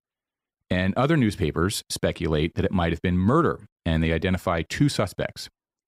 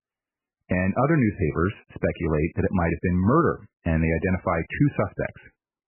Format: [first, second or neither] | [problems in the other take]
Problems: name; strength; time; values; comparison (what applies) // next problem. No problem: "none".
first | garbled, watery; badly; nothing above 2.5 kHz